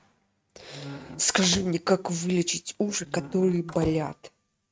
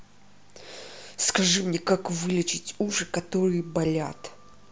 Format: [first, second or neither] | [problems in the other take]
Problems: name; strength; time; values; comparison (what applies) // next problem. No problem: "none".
second | noise reduction (neural mask model RNNoise)